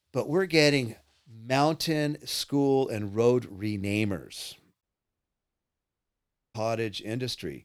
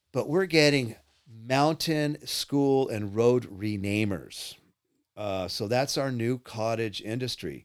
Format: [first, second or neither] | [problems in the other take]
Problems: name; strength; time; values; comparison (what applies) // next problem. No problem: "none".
second | audio cutting out; at 5 s for 1.5 s